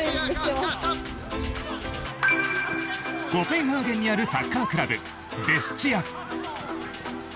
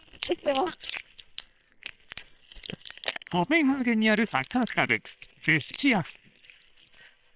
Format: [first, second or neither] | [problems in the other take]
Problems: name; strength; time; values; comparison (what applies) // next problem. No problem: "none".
first | noise reduction (neural separator model SepFormer WHAM!)